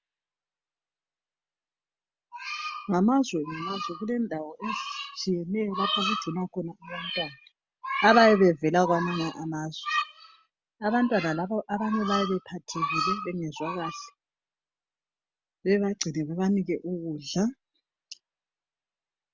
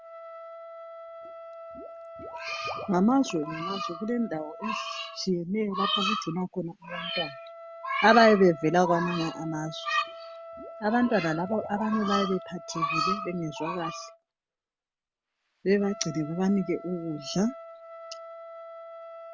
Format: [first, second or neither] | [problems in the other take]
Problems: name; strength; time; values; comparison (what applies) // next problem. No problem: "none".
first | background sound (Trumpet + Liquid); 15 dB below the speech